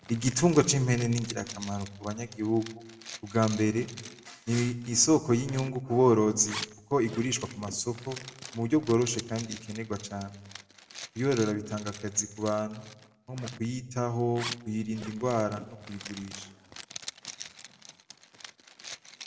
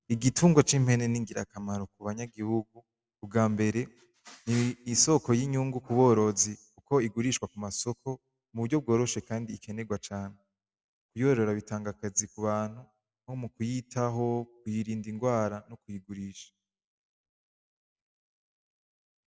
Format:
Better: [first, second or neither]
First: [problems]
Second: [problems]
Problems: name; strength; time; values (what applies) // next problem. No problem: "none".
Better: second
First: background sound (Zipper (clothing)); 15 dB below the speech // room echo; dies away in 0.7 s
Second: none